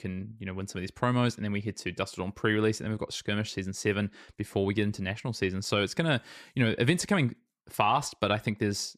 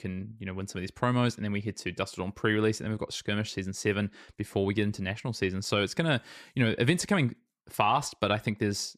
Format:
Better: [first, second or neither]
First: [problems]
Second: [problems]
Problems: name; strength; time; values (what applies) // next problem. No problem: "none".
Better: neither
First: none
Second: none